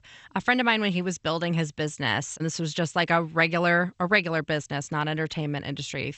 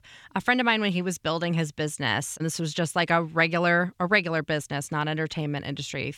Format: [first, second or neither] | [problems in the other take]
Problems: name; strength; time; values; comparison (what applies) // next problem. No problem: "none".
second | garbled, watery; slightly; nothing above 8 kHz